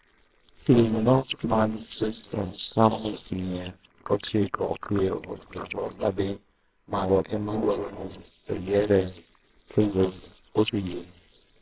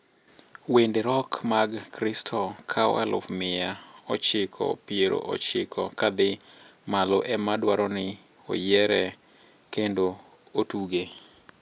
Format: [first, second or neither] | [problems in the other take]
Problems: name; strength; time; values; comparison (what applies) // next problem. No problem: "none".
second | noise reduction (neural separator model SepFormer WHAMR!)